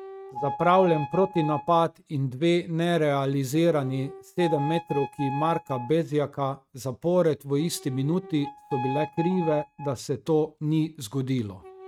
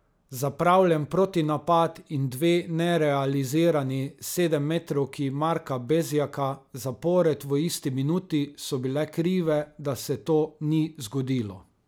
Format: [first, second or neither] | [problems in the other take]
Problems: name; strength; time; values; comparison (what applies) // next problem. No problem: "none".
second | noise reduction (neural mask model RNNoise)